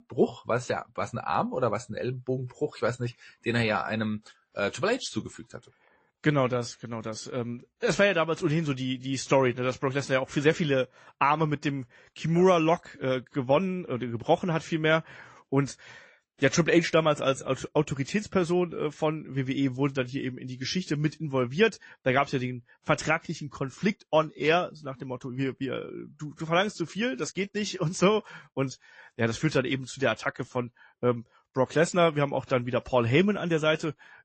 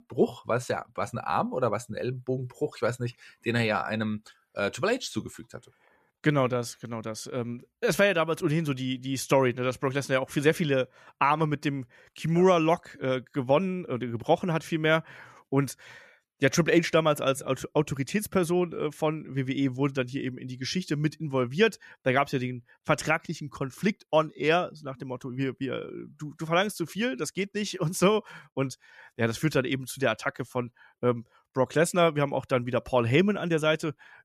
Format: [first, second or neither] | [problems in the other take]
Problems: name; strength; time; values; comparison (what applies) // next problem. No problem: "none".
second | garbled, watery; slightly; nothing above 8 kHz